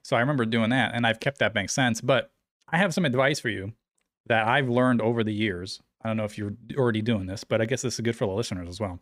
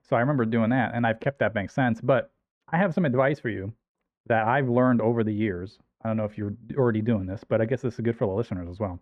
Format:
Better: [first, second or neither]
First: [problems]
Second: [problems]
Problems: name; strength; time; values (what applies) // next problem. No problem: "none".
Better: first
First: none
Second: muffled; very; fading above 3 kHz